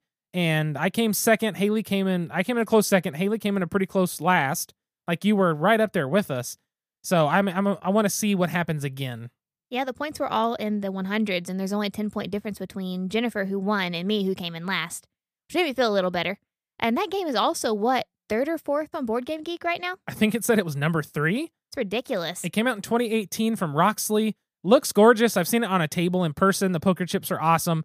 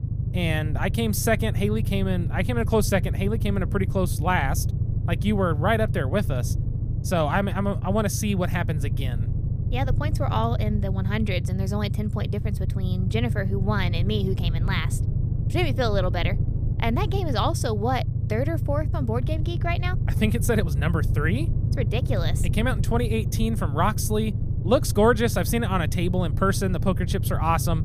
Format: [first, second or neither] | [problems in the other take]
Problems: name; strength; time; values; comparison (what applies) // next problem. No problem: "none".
first | low rumble; noticeable; throughout; 10 dB below the speech